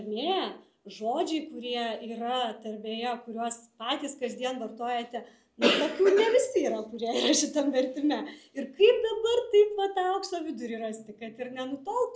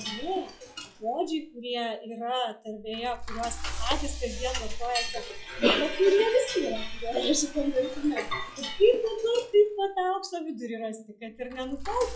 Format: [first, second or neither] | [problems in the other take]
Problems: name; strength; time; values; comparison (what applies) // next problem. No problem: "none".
first | noise reduction (classical method log-MMSE)